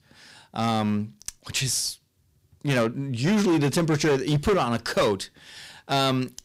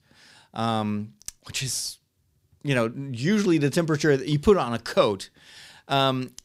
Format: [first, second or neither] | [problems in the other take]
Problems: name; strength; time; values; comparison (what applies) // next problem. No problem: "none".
second | distortion; heavy; 9% of the sound clipped